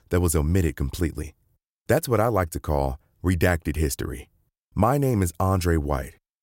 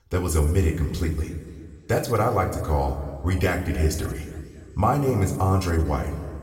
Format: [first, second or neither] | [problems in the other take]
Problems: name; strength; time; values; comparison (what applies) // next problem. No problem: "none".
first | room echo; noticeable; dies away in 1.9 s // off-mic speech; somewhat distant